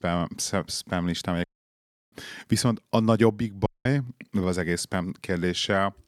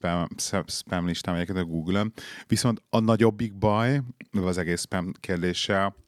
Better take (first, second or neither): second